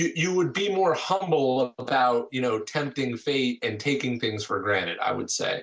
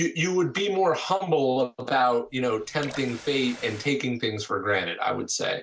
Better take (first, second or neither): first